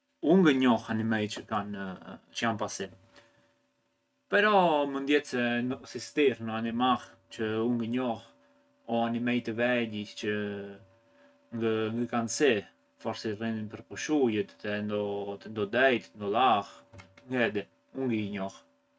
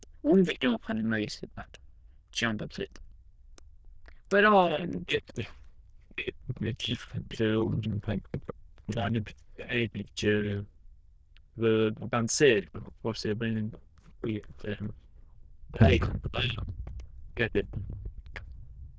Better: first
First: none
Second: noise reduction (neural diffusion model UNIVERSE++)

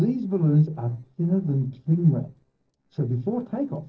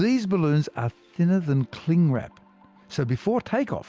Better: second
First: noise reduction (neural separator model SepFormer DNS4)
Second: none

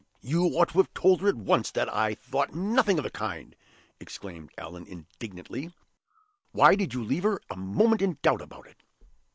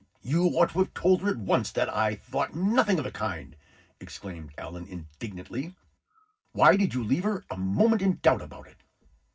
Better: first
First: none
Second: room echo; dies away in 0.4 s

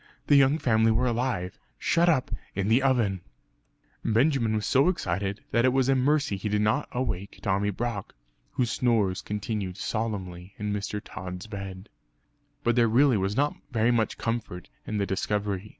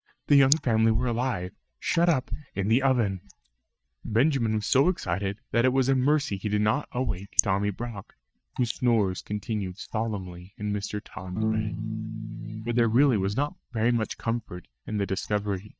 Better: first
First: none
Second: noise reduction (neural mask model DeepFilterNet 3)

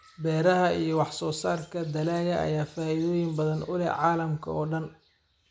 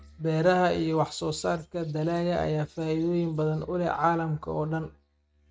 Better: first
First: none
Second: noise reduction (neural mask model RNNoise)

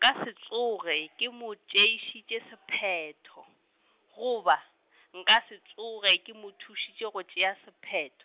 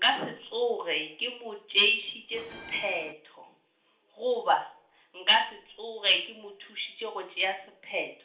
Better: first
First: none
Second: background sound (Bell); 16 dB below the speech // room echo; dies away in 0.4 s

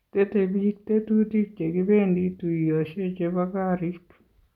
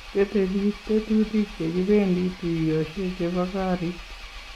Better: first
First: none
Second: background sound (Engine); 15 dB below the speech

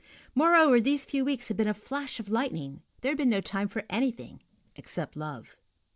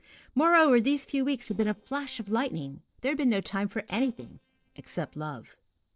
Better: first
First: none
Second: noise reduction (neural separator model SepFormer DNS4)

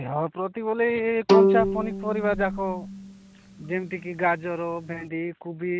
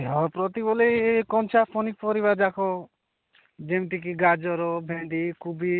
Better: second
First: background sound (Bowed string instrument); 2 dB above the speech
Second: none

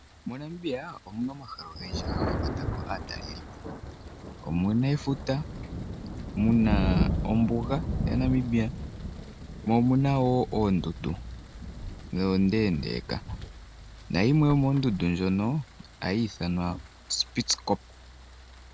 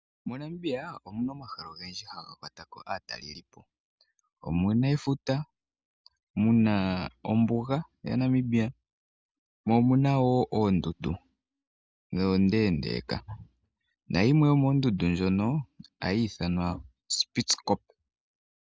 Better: second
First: background sound (Thunder); 7 dB below the speech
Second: none

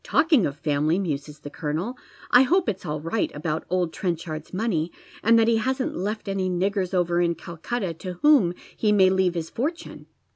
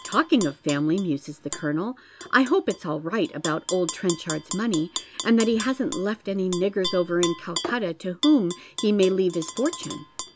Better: first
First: none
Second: background sound (Tap / Glass); 12 dB below the speech

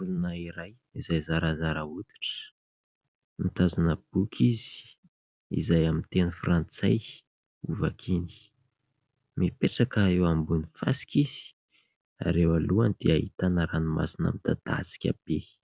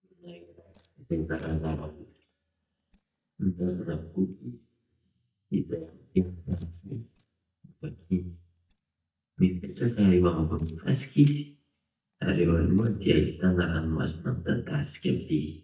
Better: first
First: none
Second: noise reduction (neural mask model DeepFilterNet 3)

